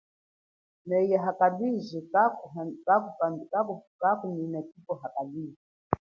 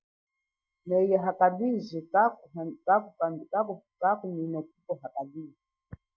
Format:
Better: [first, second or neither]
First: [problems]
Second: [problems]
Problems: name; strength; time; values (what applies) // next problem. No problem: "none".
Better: first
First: none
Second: noise reduction (neural mask model DeepFilterNet 3)